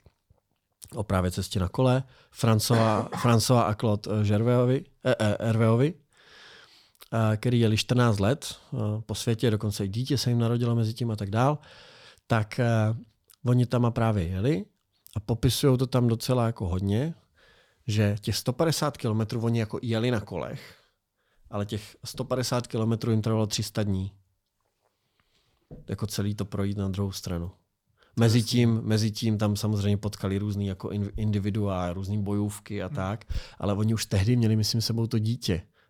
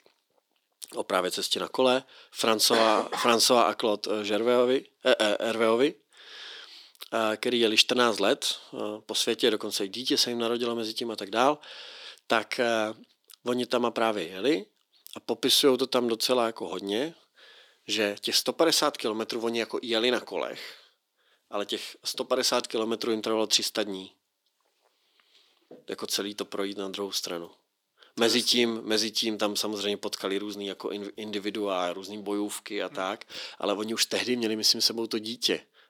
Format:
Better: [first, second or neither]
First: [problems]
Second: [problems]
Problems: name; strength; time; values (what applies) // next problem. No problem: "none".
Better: first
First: none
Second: thin; somewhat; fading below 300 Hz